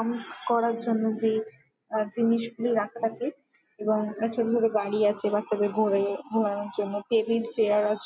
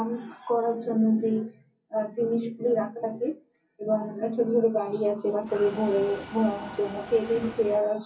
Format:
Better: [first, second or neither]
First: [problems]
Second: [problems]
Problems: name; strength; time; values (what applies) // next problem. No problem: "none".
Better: first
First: none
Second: background sound (Mechanisms); 14 dB below the speech // room echo; dies away in 0.3 s